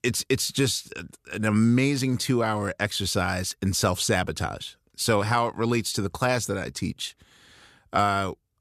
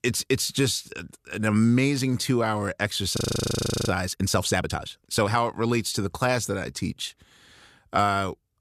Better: first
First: none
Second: audio freezing; at 3 s for 0.5 s

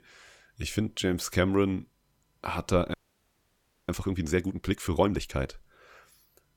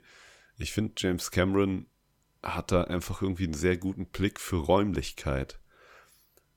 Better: second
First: audio freezing; at 3 s for 1 s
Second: none

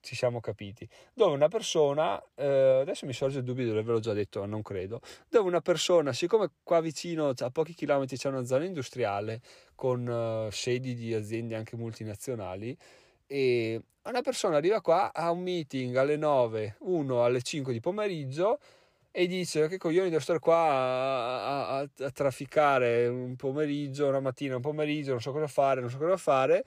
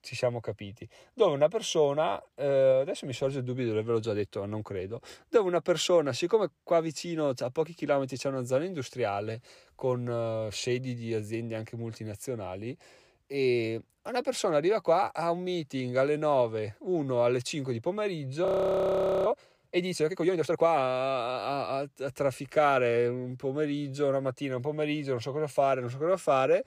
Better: first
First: none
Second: audio freezing; at 18 s for 1 s

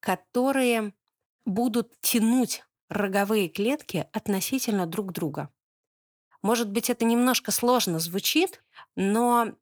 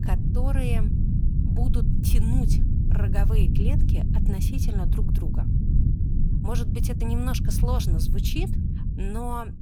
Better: first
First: none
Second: low rumble; loud; throughout; 2 dB below the speech

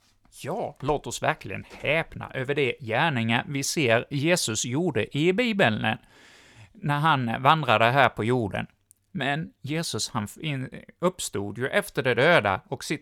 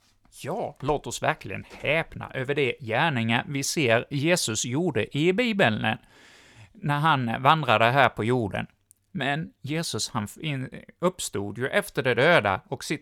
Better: neither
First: none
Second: none

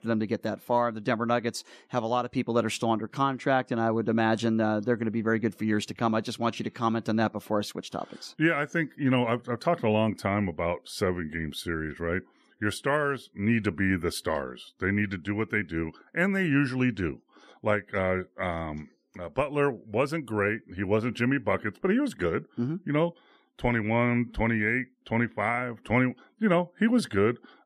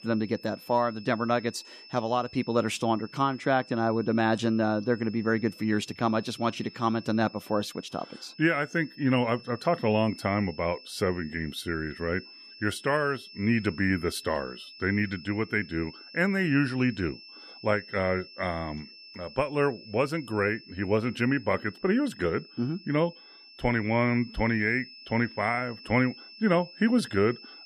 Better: first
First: none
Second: high-pitched whine; noticeable; throughout; 5.5 kHz, 20 dB below the speech

